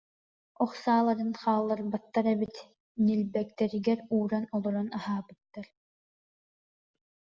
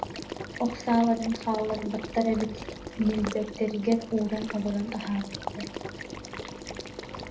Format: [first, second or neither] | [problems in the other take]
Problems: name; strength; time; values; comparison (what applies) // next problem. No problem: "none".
first | background sound (Water / Liquid); 9 dB below the speech // room echo; dies away in 0.3 s